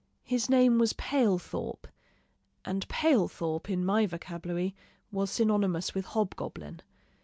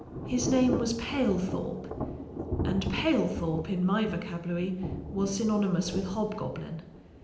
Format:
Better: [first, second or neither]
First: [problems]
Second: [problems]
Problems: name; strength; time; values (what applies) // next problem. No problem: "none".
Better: first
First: none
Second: background sound (Thunder / Rain); 6 dB below the speech // room echo; dies away in 0.8 s